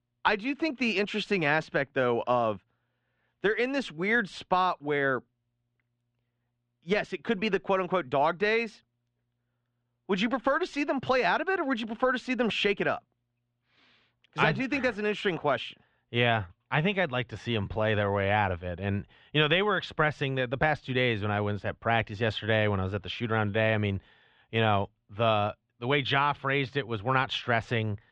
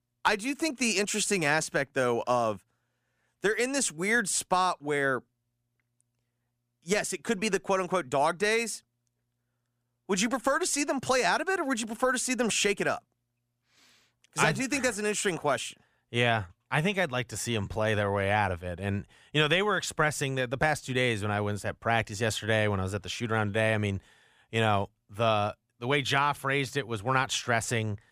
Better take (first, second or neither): second